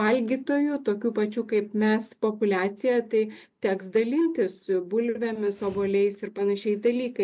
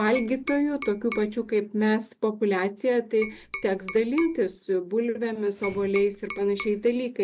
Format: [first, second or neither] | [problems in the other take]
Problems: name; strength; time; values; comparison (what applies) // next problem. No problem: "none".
first | background sound (Tap); 13 dB below the speech